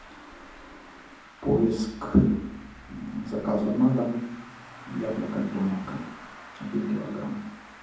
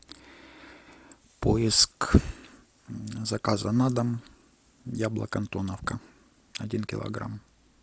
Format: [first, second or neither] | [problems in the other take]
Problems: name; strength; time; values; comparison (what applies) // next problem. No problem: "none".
second | background sound (Traffic noise, roadway noise); 19 dB below the speech // room echo; dies away in 1.2 s